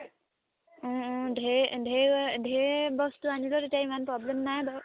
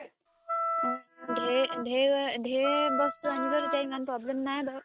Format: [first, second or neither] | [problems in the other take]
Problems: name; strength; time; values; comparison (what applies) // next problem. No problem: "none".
first | noise reduction (neural mask model RNNoise)